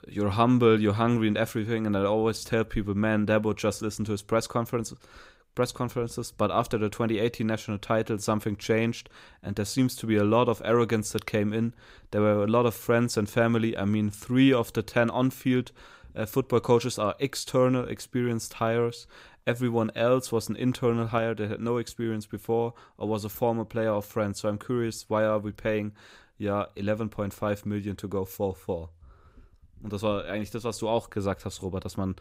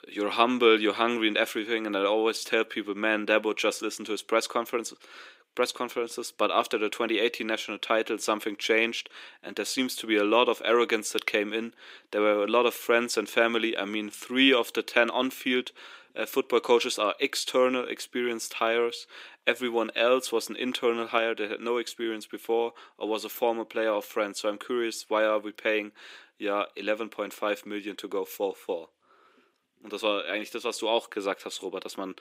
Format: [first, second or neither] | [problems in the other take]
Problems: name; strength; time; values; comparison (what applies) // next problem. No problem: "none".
first | thin; somewhat; fading below 300 Hz